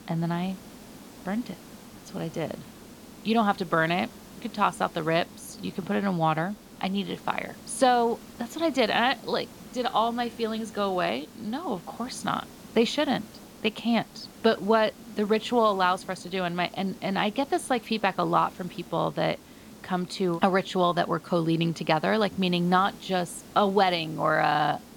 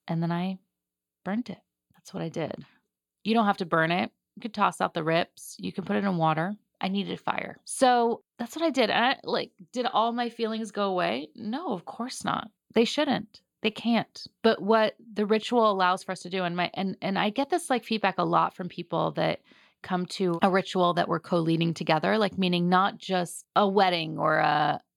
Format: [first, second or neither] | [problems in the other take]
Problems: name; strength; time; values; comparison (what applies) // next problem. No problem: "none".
second | hiss; noticeable; throughout; 20 dB below the speech